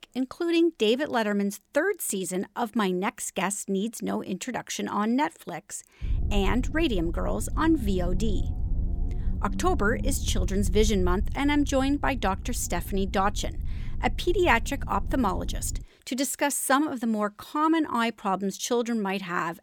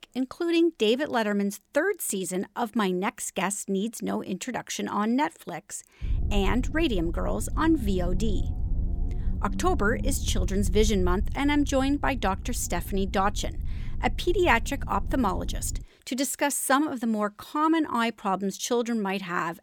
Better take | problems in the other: neither | low rumble; faint; from 6 to 16 s; 20 dB below the speech; the same in both

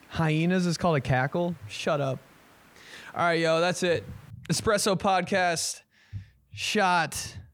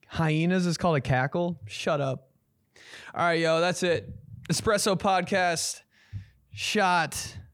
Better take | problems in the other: second | hiss; faint; until 4.5 s; 30 dB below the speech

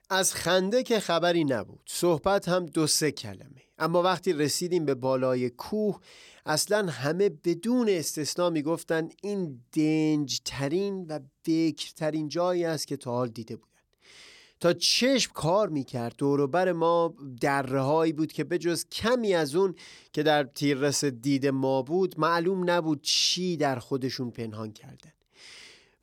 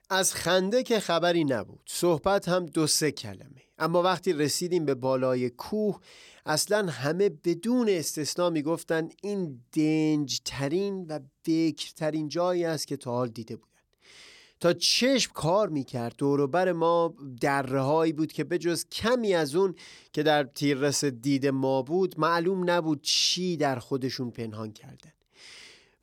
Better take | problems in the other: neither | none

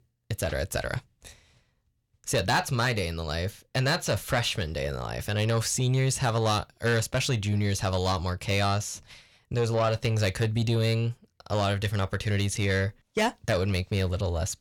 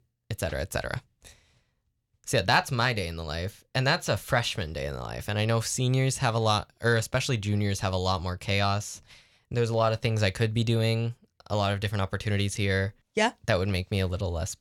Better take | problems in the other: second | distortion; slight; 10 dB below the speech

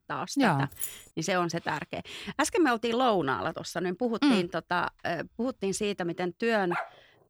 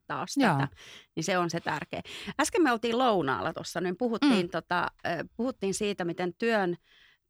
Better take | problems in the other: second | jangling keys; noticeable; at 0.5 s; peak 7 dB below the speech // dog barking; noticeable; at 6.5 s; peak 7 dB below the speech

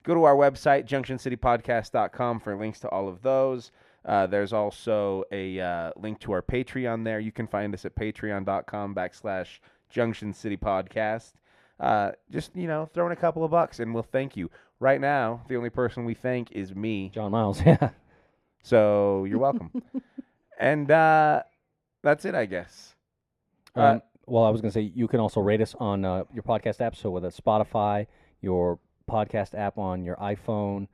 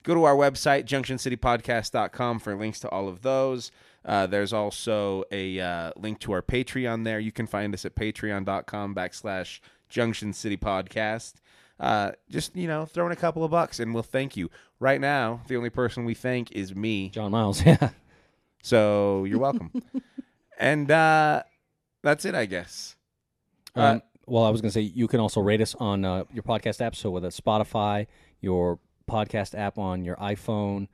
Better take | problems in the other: second | muffled; slightly; fading above 3 kHz

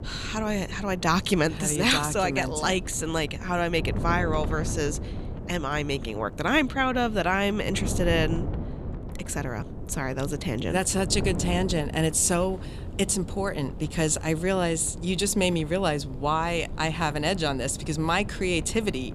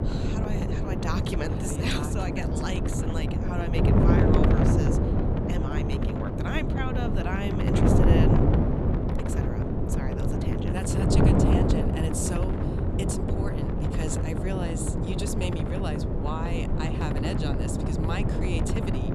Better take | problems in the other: first | wind noise on the microphone; heavy; 4 dB above the speech; occasional gusts in the first

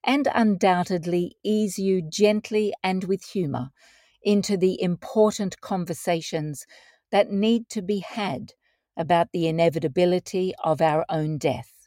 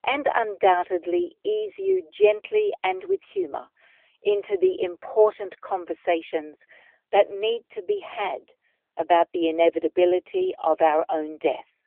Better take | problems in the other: first | phone-call audio; nothing above 3.5 kHz

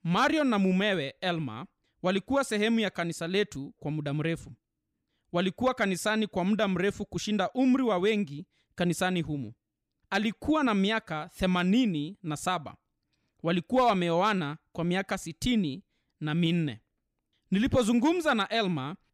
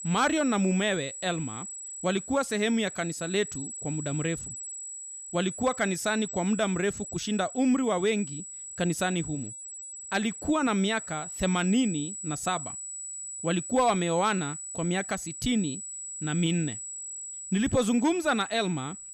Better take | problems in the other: first | high-pitched whine; loud; throughout; 8 kHz, 8 dB below the speech

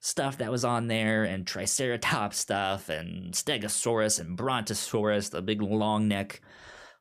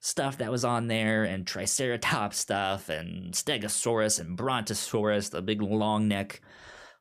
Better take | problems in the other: neither | none

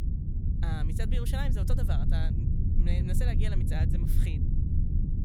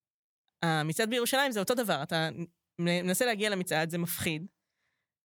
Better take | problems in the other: second | low rumble; loud; throughout; 1 dB below the speech

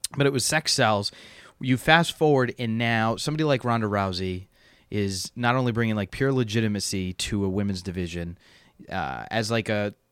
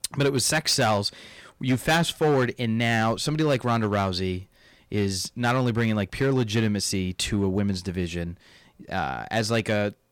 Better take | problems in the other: first | distortion; slight; 5% of the sound clipped

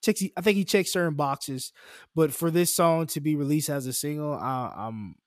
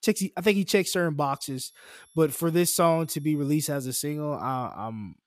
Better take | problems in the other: first | high-pitched whine; faint; from 1.5 to 3.5 s; 11 kHz, 30 dB below the speech

